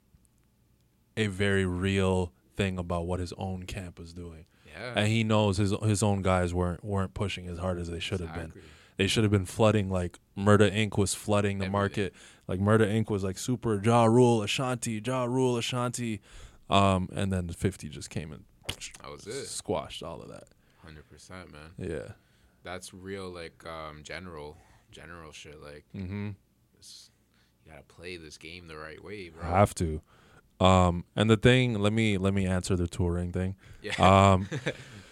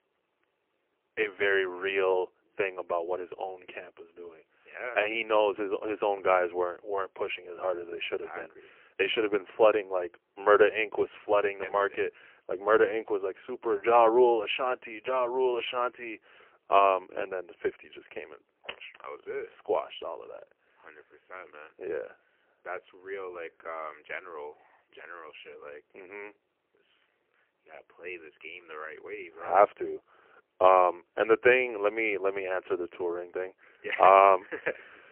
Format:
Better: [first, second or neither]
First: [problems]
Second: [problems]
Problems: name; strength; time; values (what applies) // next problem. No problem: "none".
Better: first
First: none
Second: phone-call audio; poor line; nothing above 3 kHz